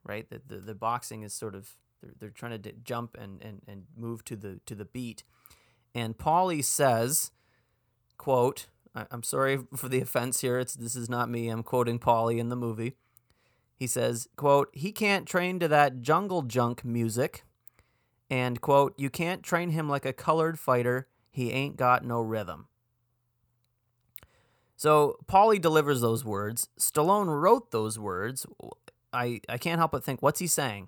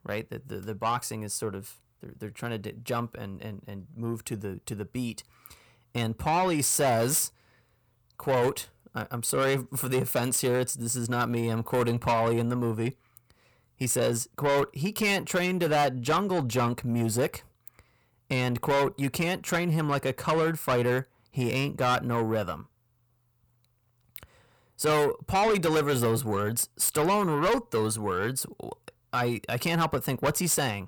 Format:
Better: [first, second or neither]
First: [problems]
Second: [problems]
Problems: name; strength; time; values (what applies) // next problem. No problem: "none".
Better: first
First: none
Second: distortion; heavy; 7 dB below the speech